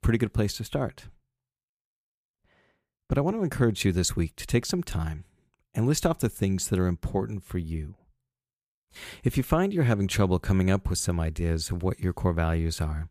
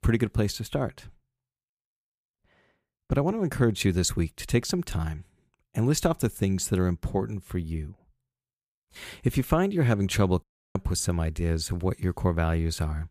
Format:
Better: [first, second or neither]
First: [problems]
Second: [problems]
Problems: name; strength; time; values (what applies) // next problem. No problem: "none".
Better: first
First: none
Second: audio cutting out; at 10 s